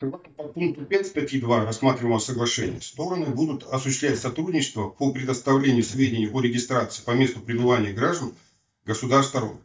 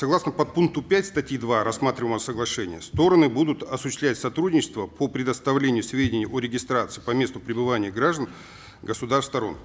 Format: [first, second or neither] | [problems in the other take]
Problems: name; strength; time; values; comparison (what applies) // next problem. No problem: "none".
second | noise reduction (neural mask model DeepFilterNet 3)